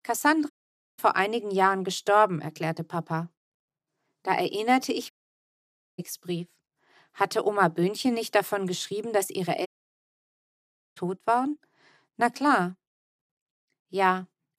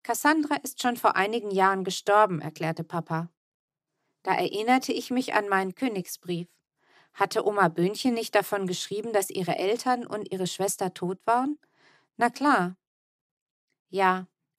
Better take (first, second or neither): second